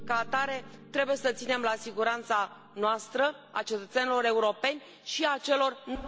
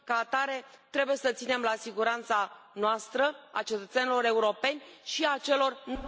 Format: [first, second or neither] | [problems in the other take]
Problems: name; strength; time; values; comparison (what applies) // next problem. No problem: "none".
second | background sound (Piano); 19 dB below the speech